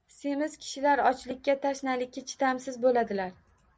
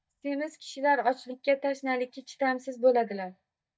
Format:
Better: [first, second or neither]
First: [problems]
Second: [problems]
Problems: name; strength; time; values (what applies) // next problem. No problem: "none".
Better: first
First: none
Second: noise reduction (neural mask model DeepFilterNet 3)